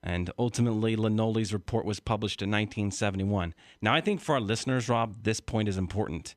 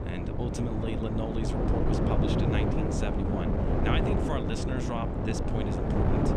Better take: first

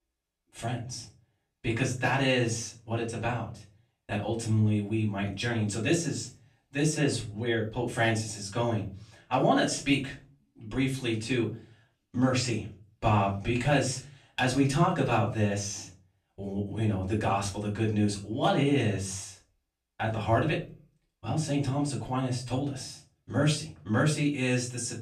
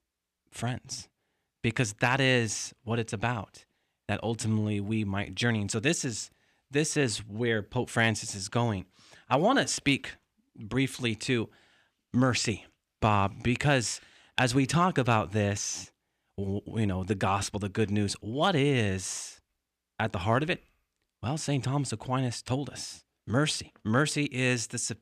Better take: second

